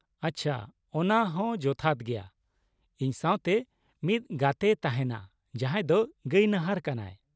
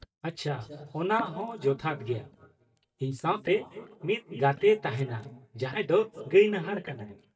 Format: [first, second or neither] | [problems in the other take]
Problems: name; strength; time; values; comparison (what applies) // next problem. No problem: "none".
first | noise reduction (neural mask model DeepFilterNet 3)